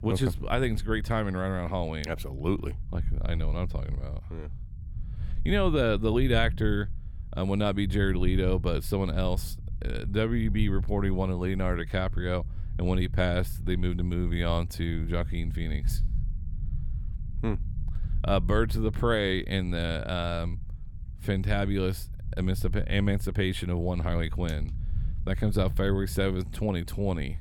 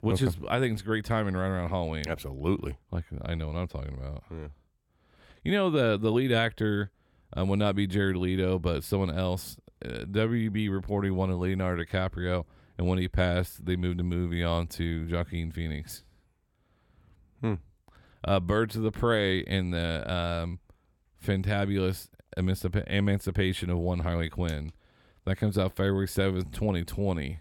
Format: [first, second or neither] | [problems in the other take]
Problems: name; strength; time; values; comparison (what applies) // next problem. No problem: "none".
second | low rumble; faint; throughout; 20 dB below the speech